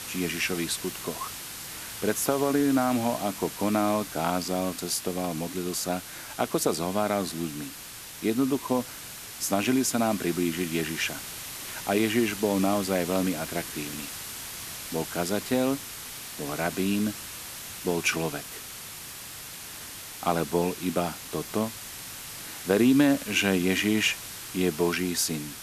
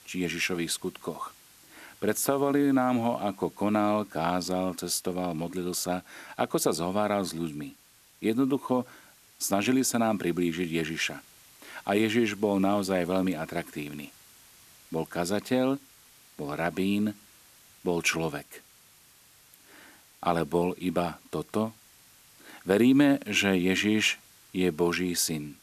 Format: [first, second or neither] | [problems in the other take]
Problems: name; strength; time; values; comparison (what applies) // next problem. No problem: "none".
second | hiss; loud; throughout; 9 dB below the speech; faint in the second